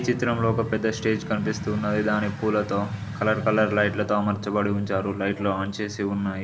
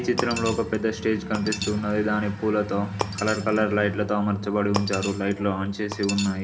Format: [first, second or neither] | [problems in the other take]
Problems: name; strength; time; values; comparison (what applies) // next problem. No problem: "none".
first | background sound (Shatter); 11 dB below the speech // room echo; dies away in 0.3 s